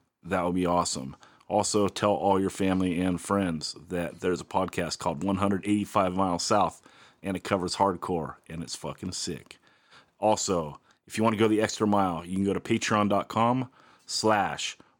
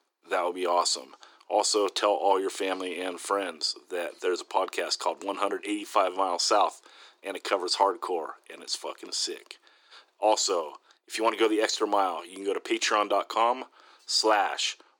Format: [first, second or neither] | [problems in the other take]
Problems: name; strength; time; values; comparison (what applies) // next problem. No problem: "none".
first | thin; very; fading below 350 Hz